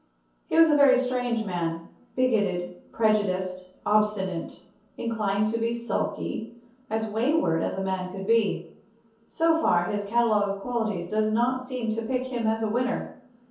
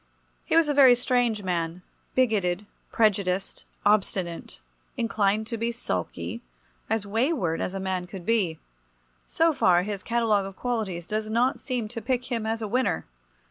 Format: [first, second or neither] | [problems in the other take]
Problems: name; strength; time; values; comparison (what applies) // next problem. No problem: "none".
second | room echo; dies away in 0.6 s